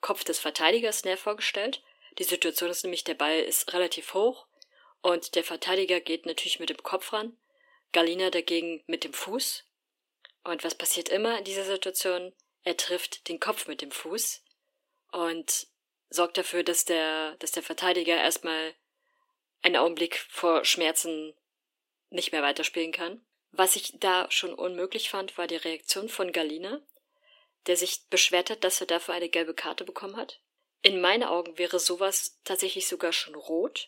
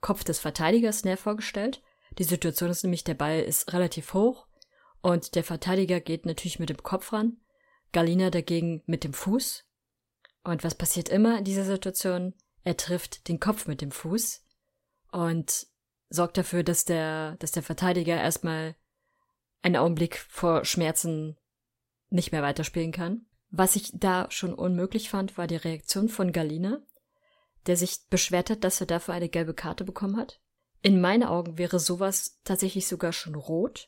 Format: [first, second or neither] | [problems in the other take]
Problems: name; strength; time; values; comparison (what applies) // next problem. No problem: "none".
second | thin; very; fading below 300 Hz